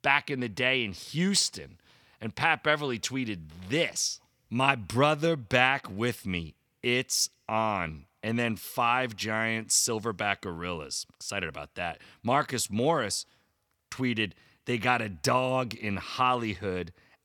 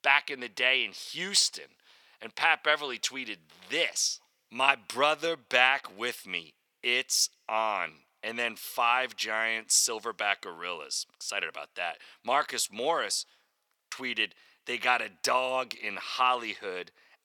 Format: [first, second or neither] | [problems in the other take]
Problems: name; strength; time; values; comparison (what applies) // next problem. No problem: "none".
first | thin; very; fading below 500 Hz